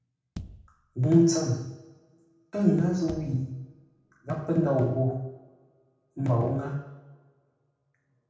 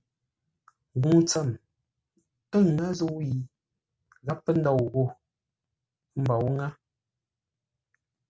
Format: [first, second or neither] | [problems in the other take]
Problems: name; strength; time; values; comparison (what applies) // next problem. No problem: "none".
second | background sound (Bass drum); 18 dB below the speech // room echo; dies away in 0.9 s